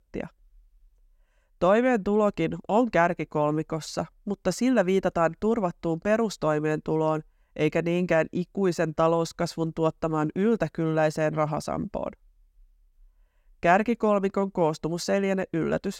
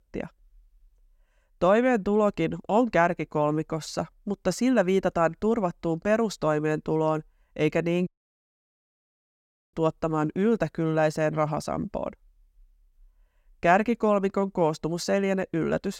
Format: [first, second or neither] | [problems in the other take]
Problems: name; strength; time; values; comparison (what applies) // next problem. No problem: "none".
first | audio cutting out; at 8 s for 1.5 s